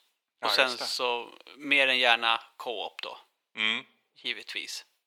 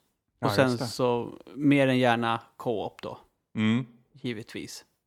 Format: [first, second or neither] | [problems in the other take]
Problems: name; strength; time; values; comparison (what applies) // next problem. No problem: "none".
second | thin; very; fading below 700 Hz